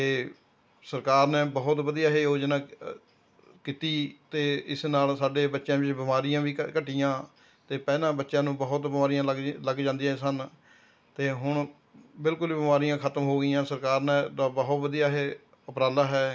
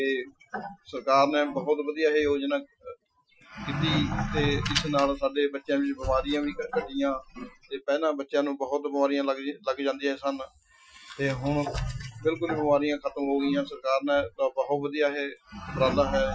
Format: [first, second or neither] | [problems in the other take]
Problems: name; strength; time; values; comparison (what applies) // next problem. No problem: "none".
first | noise reduction (classical method Wiener filter)